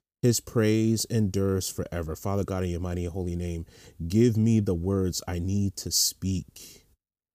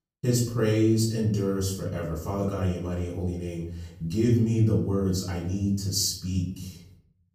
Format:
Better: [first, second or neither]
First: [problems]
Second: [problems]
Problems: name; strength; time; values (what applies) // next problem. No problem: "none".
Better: first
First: none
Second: off-mic speech; far // room echo; noticeable; dies away in 0.6 s